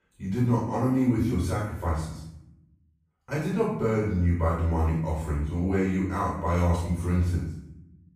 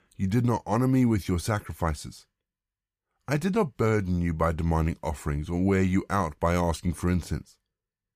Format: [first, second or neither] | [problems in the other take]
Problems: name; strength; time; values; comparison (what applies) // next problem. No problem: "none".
second | off-mic speech; far // room echo; noticeable; dies away in 0.7 s